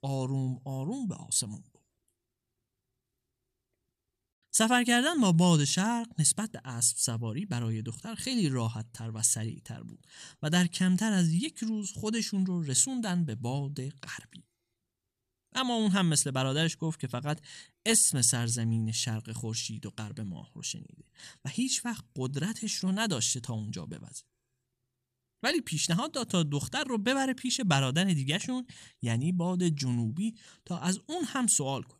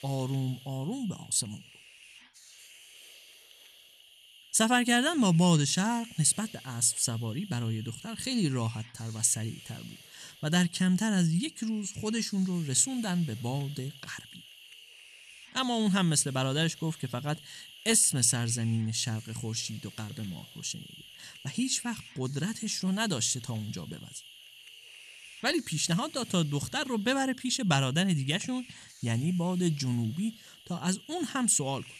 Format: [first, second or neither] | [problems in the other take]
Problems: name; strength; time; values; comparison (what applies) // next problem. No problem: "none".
first | hiss; faint; throughout; 20 dB below the speech